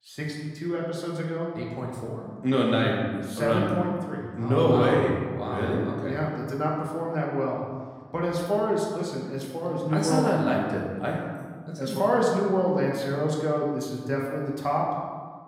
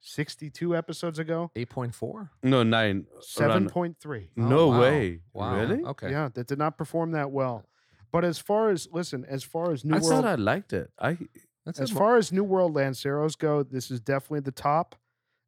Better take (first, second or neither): second